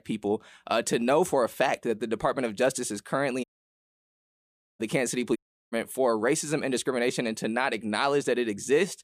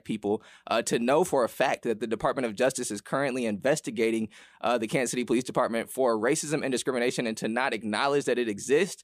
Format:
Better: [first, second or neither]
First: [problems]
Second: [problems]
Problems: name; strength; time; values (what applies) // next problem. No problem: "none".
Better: second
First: audio cutting out; at 3.5 s for 1.5 s and at 5.5 s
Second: none